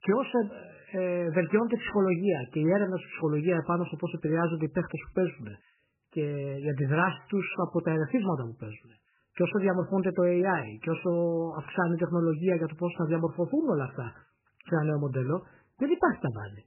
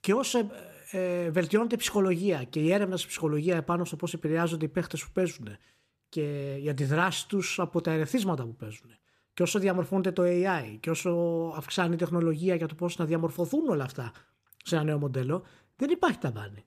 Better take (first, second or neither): second